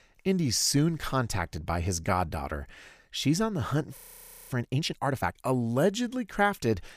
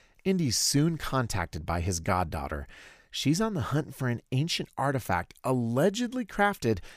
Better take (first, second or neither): second